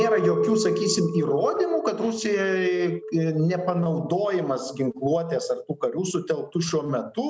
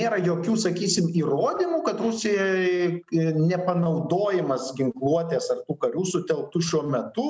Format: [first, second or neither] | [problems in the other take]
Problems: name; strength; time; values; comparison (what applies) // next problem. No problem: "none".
second | background sound (Chink, clink); 6 dB below the speech